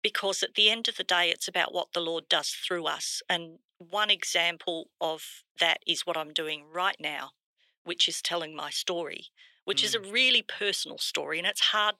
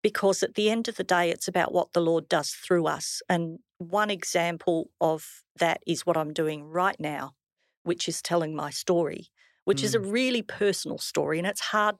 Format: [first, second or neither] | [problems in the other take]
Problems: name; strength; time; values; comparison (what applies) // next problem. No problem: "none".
second | thin; somewhat; fading below 800 Hz